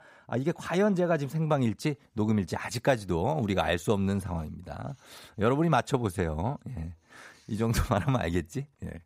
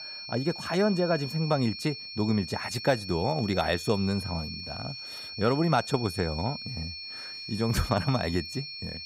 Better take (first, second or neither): first